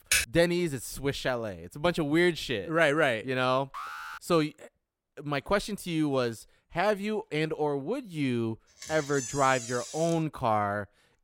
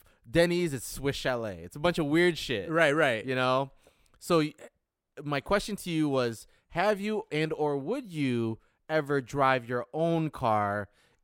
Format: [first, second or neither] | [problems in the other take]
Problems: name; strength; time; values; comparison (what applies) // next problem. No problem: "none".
second | keyboard typing; loud; at the start; peak 3 dB above the speech // alarm; noticeable; at 3.5 s; peak 10 dB below the speech // door banging; noticeable; from 9 to 10 s; peak 7 dB below the speech